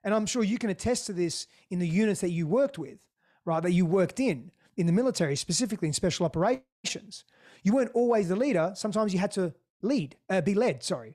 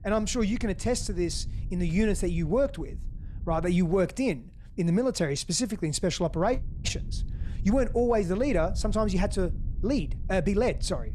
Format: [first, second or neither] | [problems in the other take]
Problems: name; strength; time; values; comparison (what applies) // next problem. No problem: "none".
first | low rumble; faint; throughout; 25 dB below the speech